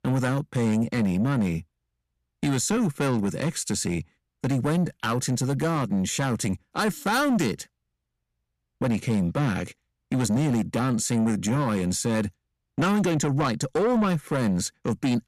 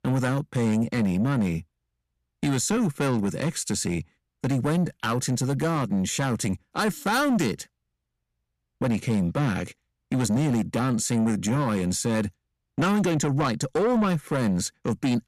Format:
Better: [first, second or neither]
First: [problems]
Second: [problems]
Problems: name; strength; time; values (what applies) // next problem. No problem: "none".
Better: neither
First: distortion; slight; 10 dB below the speech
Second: distortion; slight; 10 dB below the speech